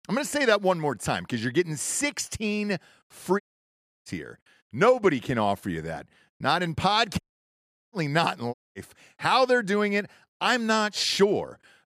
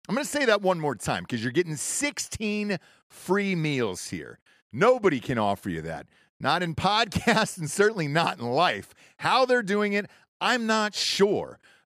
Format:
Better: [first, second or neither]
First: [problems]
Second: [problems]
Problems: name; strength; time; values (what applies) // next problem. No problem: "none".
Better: second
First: audio cutting out; at 3.5 s for 0.5 s, at 7 s for 0.5 s and at 8.5 s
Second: none